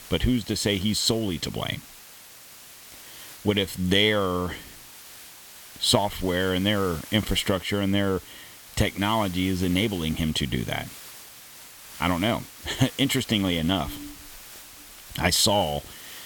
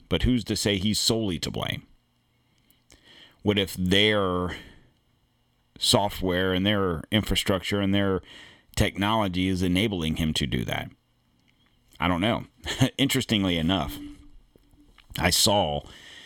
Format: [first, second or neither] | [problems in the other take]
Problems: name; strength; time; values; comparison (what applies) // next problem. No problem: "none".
second | hiss; noticeable; throughout; 15 dB below the speech